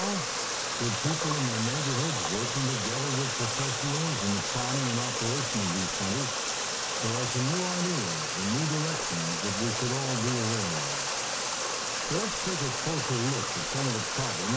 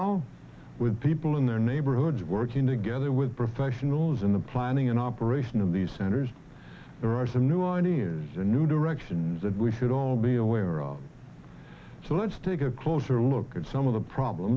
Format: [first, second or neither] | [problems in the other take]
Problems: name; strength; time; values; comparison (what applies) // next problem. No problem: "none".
second | background sound (Water); 1 dB above the speech